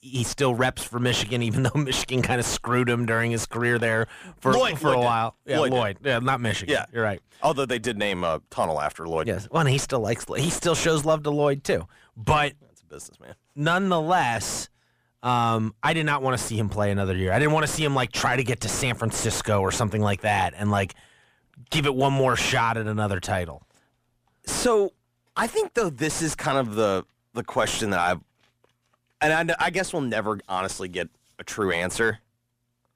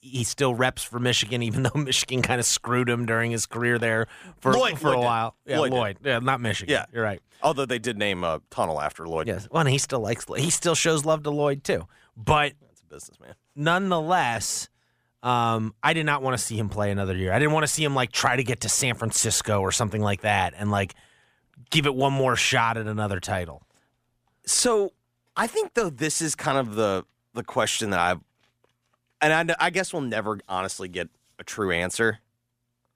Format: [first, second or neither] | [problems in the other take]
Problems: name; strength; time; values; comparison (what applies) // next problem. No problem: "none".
second | distortion; slight; 9 dB below the speech